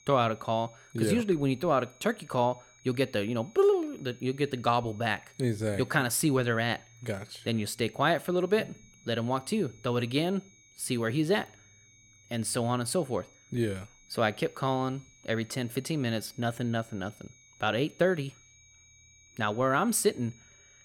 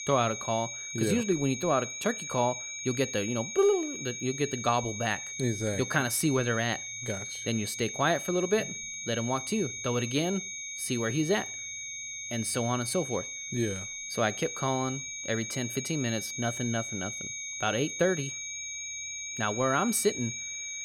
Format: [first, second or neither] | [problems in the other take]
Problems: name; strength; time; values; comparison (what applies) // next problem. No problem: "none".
first | high-pitched whine; loud; throughout; 6.5 kHz, 5 dB below the speech; faint in the first